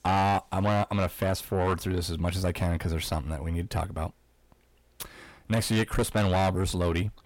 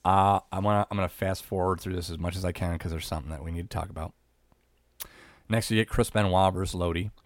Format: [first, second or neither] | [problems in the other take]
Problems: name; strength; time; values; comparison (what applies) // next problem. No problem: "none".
second | distortion; heavy; 7 dB below the speech